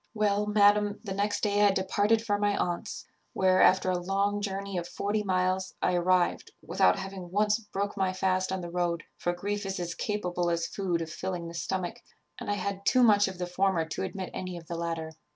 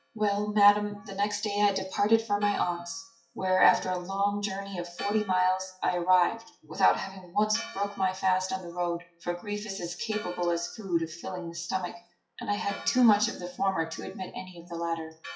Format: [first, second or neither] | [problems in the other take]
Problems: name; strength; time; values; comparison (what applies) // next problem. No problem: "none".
first | noise reduction (classical method WPE with log-MMSE)